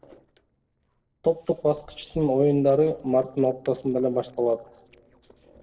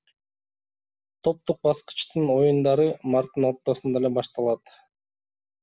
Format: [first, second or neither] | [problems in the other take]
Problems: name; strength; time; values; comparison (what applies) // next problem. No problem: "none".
second | noise reduction (neural separator model SepFormer DNS4)